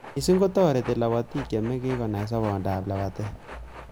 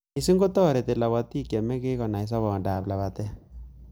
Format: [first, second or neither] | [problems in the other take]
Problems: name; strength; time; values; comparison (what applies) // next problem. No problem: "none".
second | background sound (Train); 16 dB below the speech